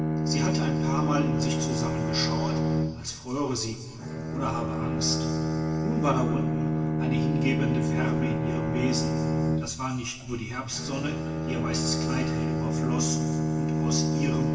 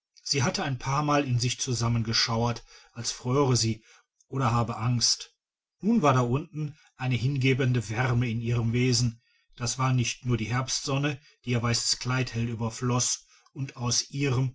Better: second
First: background sound (Bowed string instrument); 5 dB above the speech // room echo; dies away in 2.2 s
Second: none

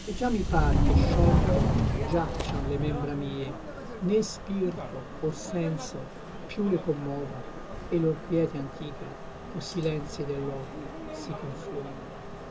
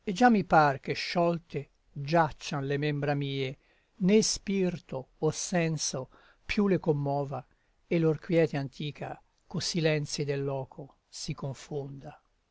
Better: second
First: background sound (Subway, metro, underground); 2 dB above the speech // room echo; dies away in 0.2 s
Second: none

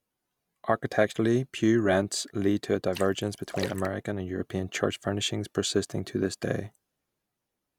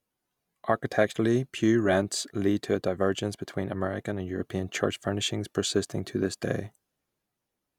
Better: second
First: background sound (Splash, splatter); 14 dB below the speech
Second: none

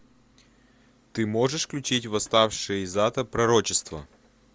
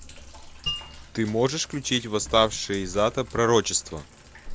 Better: first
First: none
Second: background sound (Sink (filling or washing) + Mallet percussion); 13 dB below the speech

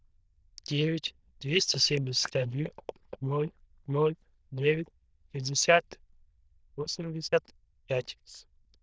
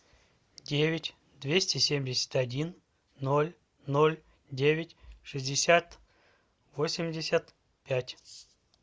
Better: second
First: noise reduction (neural diffusion model UNIVERSE++)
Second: none

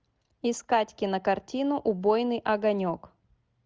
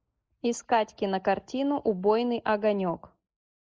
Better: first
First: none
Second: noise reduction (neural mask model Resemble Enhance denoiser)

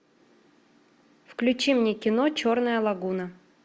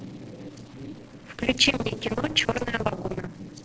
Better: first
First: none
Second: noise reduction (neural separator model SepFormer DNS4)

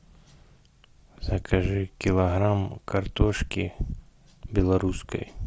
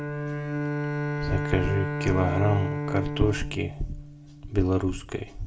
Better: first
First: none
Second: background sound (Bowed string instrument); 4 dB below the speech // room echo; dies away in 0.3 s

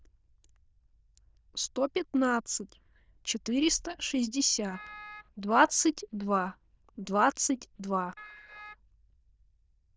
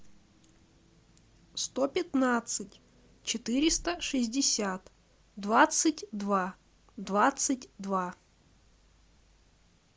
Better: second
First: noise reduction (neural diffusion model UNIVERSE++)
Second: none

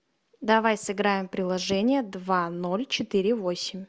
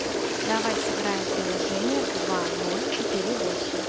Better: first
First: none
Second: background sound (Toilet flush); 4 dB above the speech

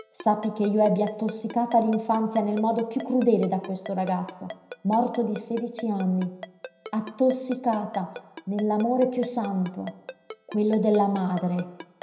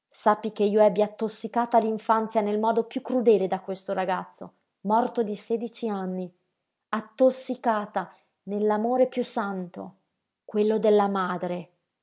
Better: second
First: background sound (Ringtone); 18 dB below the speech // room echo; dies away in 0.9 s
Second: none

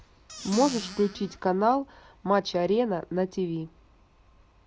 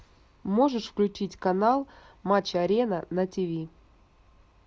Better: second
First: background sound (Squeak / Cupboard open or close); 11 dB below the speech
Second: none

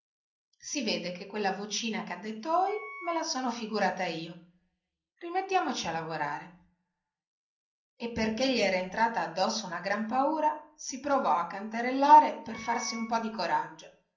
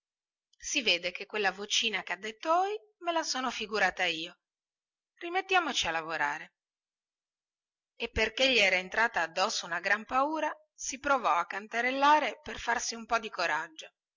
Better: second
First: background sound (Wind instrument, woodwind instrument); 16 dB below the speech // room echo; dies away in 0.6 s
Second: none

